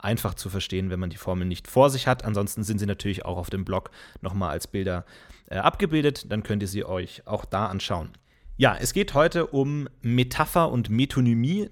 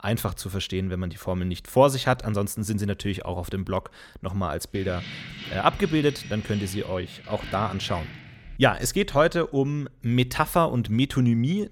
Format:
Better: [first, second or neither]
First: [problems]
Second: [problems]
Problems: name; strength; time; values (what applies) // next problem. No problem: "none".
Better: first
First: none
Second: jangling keys; faint; from 4.5 to 8.5 s; peak 10 dB below the speech